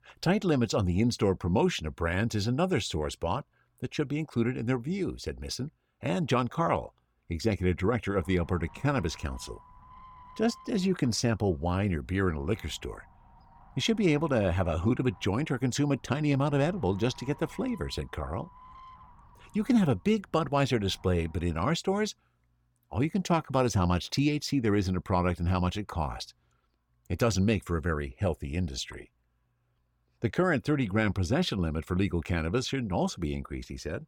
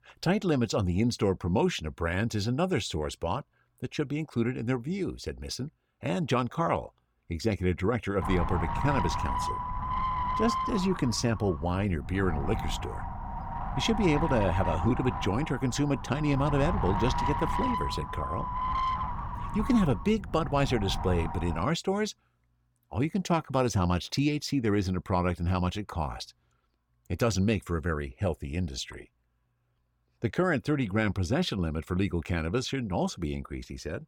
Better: first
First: wind noise on the microphone; occasional gusts; from 8 to 22 s; 20 dB below the speech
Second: wind noise on the microphone; heavy; from 8 to 22 s; as loud as the speech

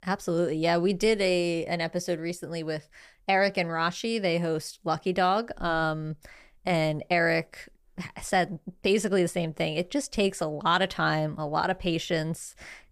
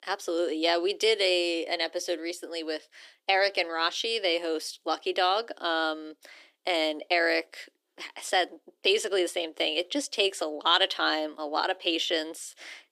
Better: first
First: none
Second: thin; very; fading below 300 Hz

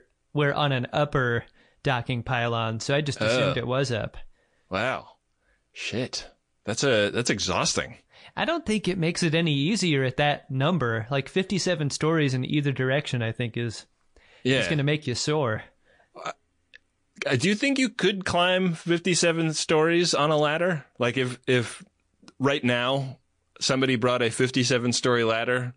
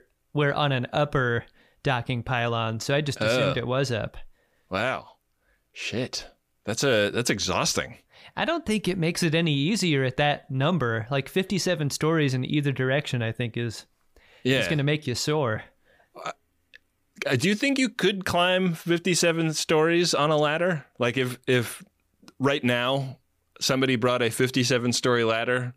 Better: second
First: garbled, watery; slightly; nothing above 8 kHz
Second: none

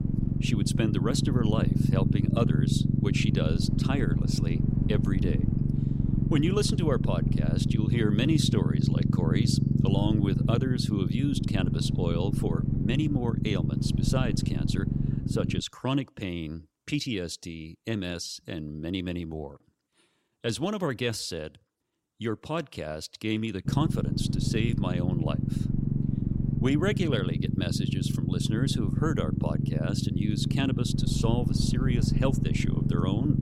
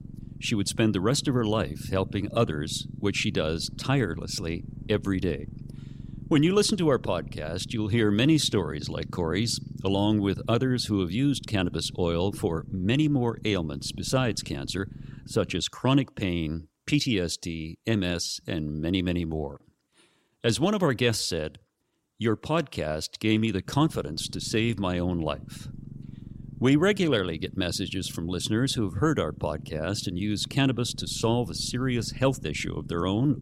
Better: second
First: low rumble; loud; until 16 s and from 24 s on; 2 dB below the speech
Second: low rumble; faint; until 16 s and from 24 s on; 20 dB below the speech

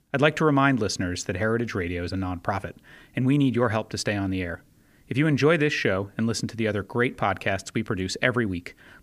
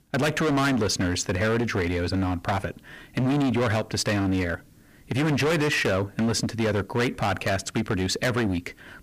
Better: first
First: none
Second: distortion; heavy; 21% of the sound clipped

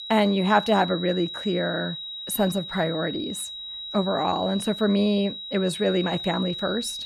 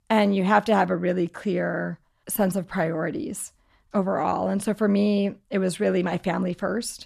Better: second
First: high-pitched whine; loud; throughout; 4 kHz, 8 dB below the speech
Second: none

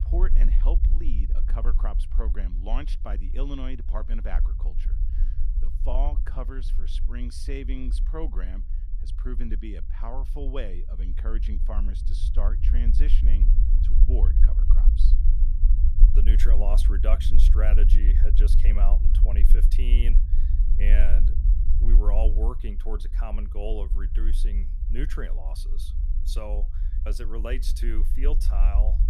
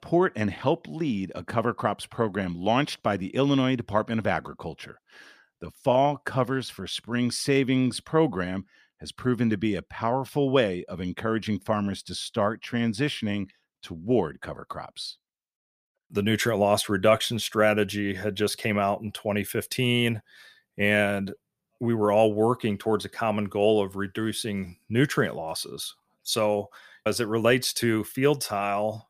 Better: second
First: low rumble; loud; throughout; 8 dB below the speech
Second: none

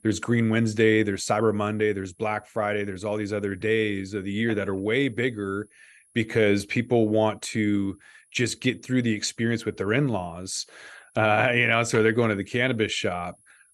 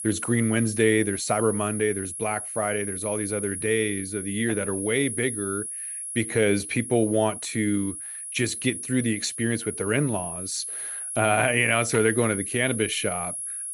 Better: first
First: high-pitched whine; faint; throughout; 10.5 kHz, 35 dB below the speech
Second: high-pitched whine; loud; throughout; 10.5 kHz, 6 dB below the speech

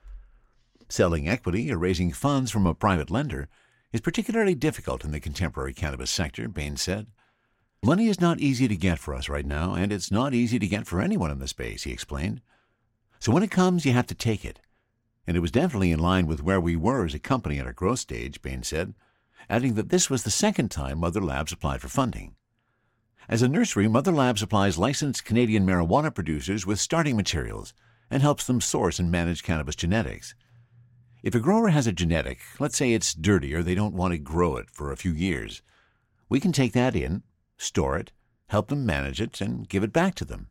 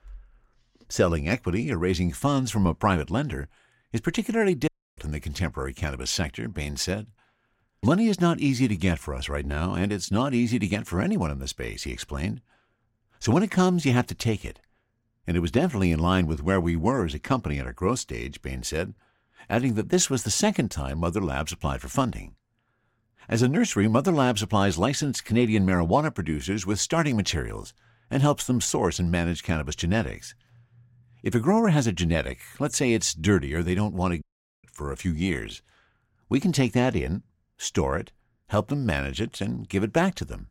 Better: first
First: none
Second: audio cutting out; at 4.5 s and at 34 s

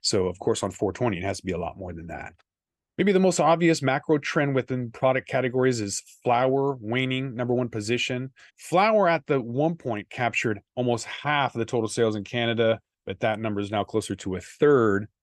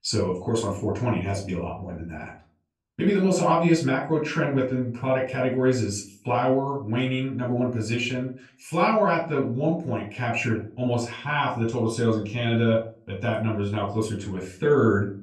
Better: first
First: none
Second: room echo; slight; dies away in 0.3 s // off-mic speech; far

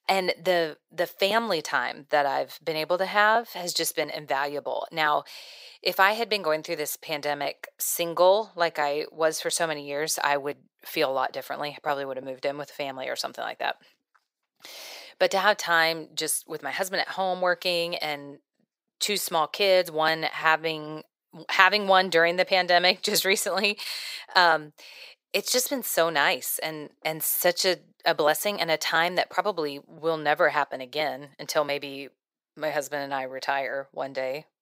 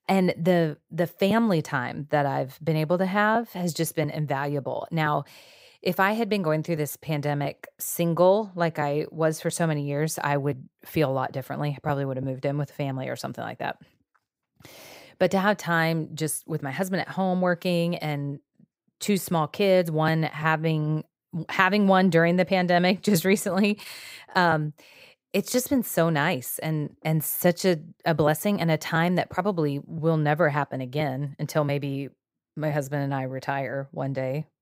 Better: second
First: thin; very; fading below 500 Hz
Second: none

